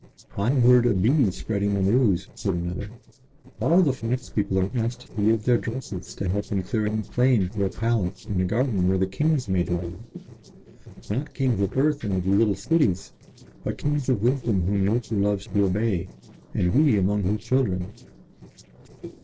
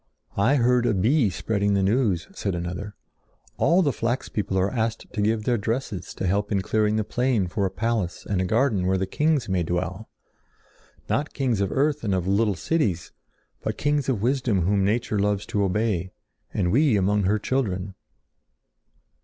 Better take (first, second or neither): second